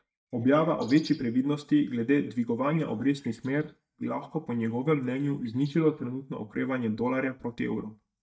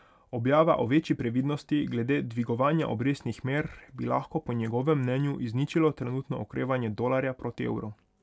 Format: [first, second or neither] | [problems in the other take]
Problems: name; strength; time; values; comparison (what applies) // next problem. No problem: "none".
second | noise reduction (neural mask model DeepFilterNet 3)